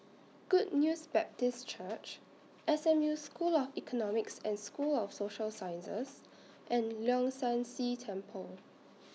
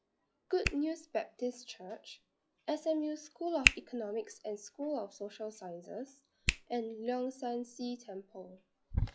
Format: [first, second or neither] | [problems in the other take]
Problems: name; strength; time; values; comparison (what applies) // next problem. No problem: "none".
first | noise reduction (classical method log-MMSE)